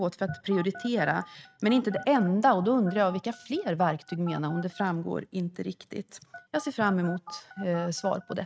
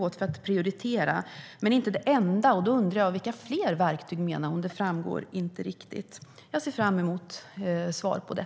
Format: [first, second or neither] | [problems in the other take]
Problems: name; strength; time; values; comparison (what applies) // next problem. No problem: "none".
second | noise reduction (neural mask model RNNoise)